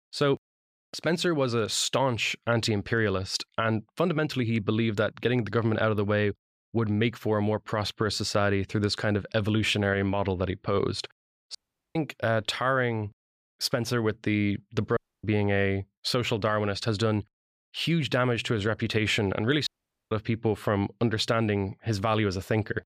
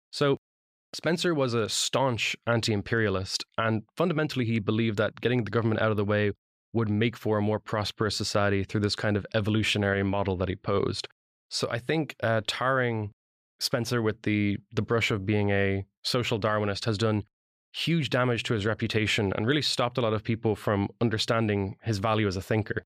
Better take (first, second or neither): second